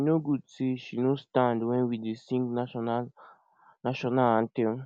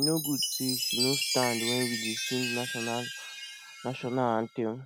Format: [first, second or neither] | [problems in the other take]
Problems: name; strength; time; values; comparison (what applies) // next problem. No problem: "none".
first | background sound (Chime); 2 dB below the speech